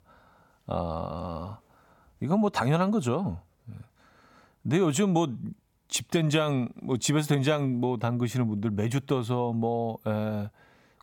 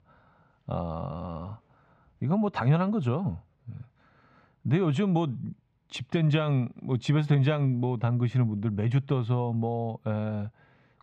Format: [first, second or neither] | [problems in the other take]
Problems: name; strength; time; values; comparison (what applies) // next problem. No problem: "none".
first | muffled; slightly; fading above 3 kHz